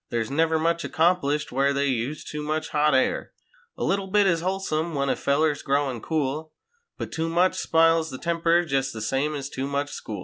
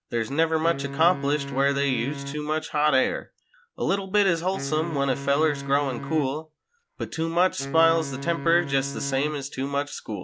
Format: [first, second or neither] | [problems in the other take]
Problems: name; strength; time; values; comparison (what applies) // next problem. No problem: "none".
first | background sound (Wind instrument, woodwind instrument); 10 dB below the speech